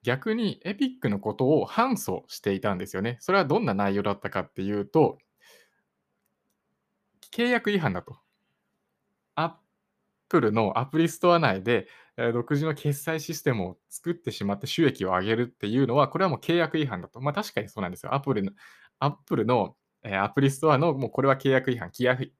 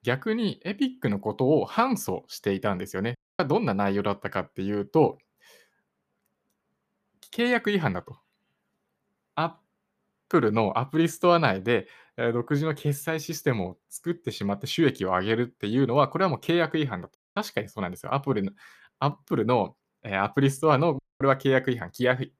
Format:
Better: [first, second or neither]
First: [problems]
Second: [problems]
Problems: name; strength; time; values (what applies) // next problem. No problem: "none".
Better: first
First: none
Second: audio cutting out; at 3 s, at 17 s and at 21 s